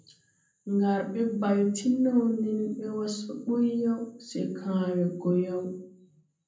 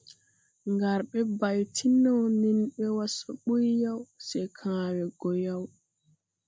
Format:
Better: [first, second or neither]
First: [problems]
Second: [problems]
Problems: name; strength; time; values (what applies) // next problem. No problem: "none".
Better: second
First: room echo; dies away in 0.6 s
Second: none